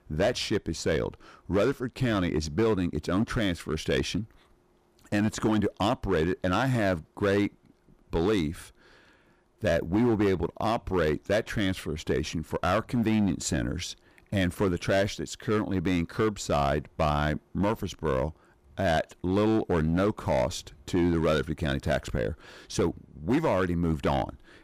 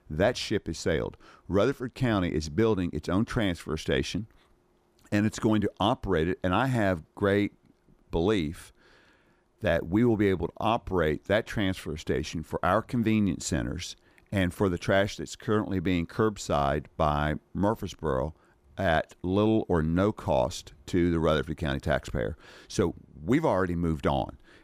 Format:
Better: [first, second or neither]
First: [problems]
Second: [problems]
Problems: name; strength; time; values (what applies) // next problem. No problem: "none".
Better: second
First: distortion; slight; 7% of the sound clipped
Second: none